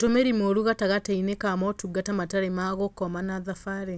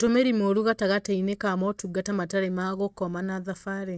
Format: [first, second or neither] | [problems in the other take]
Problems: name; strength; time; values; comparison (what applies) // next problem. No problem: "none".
first | noise reduction (neural mask model DeepFilterNet 3)